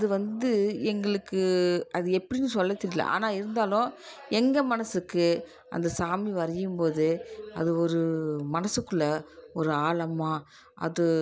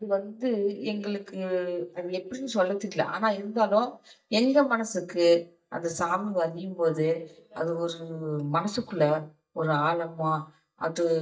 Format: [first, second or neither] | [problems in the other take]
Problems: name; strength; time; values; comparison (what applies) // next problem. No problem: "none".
first | noise reduction (neural mask model DeepFilterNet 3)